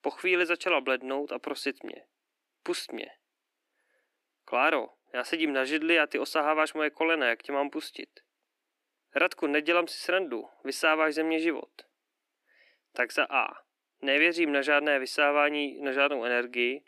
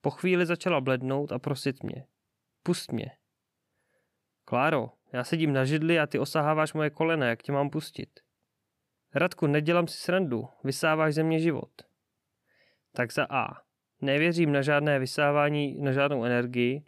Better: second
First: thin; somewhat; fading below 300 Hz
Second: none

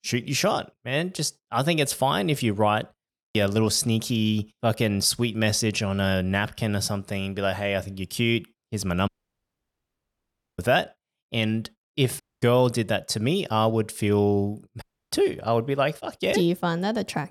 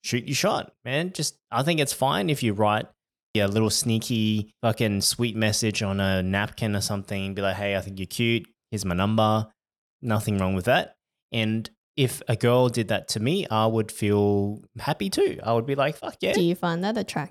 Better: second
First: audio cutting out; at 9 s for 1.5 s, at 12 s and at 15 s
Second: none

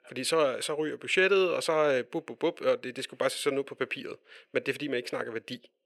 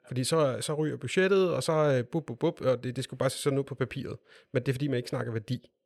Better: second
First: thin; somewhat; fading below 350 Hz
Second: none

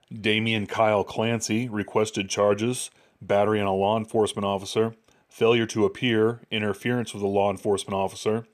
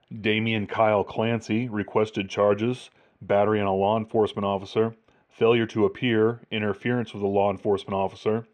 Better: first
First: none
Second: muffled; slightly; fading above 3 kHz

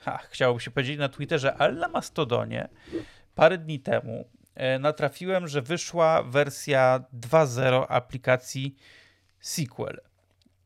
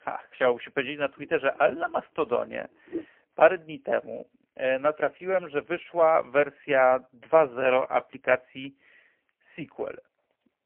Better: first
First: none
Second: phone-call audio; poor line; nothing above 3 kHz

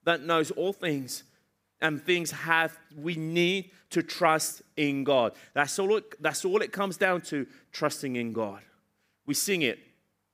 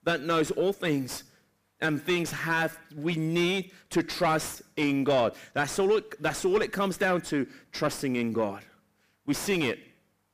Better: first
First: none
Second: distortion; heavy; 7 dB below the speech

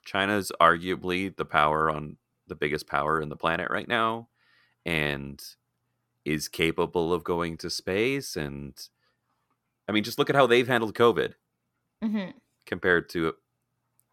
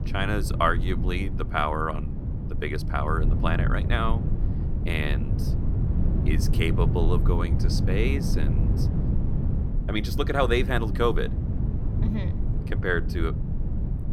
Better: first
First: none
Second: wind noise on the microphone; occasional gusts; 10 dB below the speech

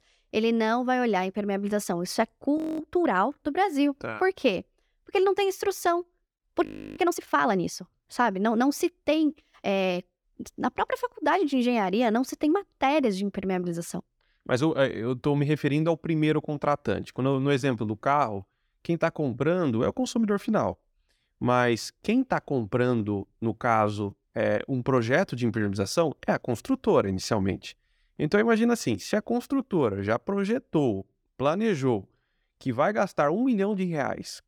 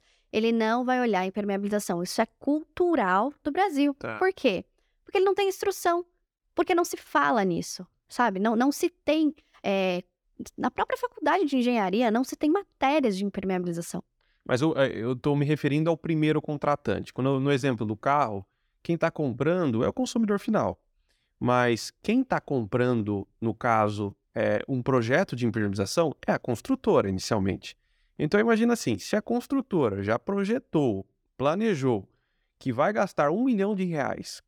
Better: second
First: audio freezing; at 2.5 s and at 6.5 s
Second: none

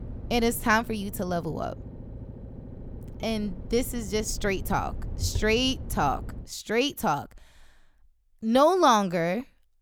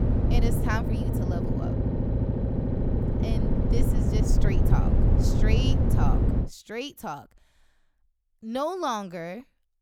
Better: first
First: low rumble; faint; until 6.5 s; 25 dB below the speech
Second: low rumble; loud; until 6.5 s; as loud as the speech

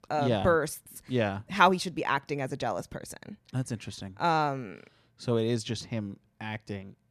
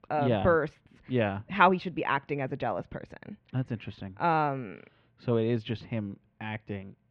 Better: first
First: none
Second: muffled; very; fading above 3 kHz

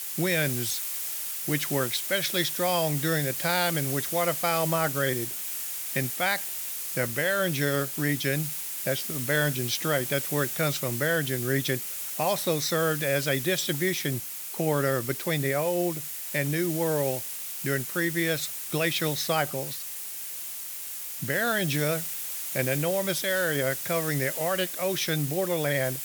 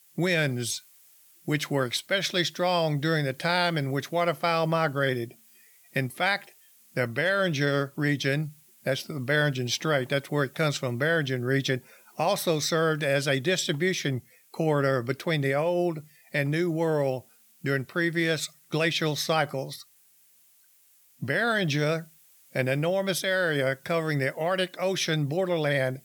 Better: second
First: hiss; loud; throughout; 3 dB below the speech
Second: hiss; faint; throughout; 30 dB below the speech

